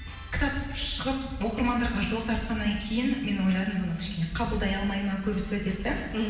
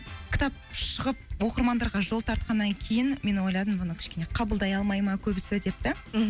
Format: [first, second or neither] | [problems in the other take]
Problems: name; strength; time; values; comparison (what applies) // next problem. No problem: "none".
second | room echo; dies away in 1.2 s